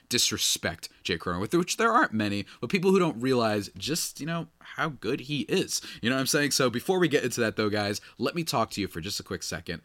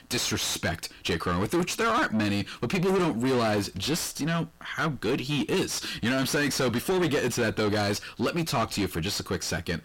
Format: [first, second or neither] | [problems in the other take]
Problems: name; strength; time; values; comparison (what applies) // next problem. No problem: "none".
first | distortion; heavy; 5 dB below the speech